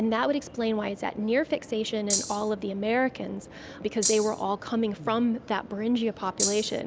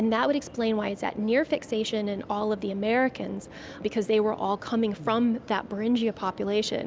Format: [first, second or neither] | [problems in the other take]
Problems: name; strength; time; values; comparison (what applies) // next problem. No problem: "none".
second | background sound (Rattle (instrument)); 2 dB below the speech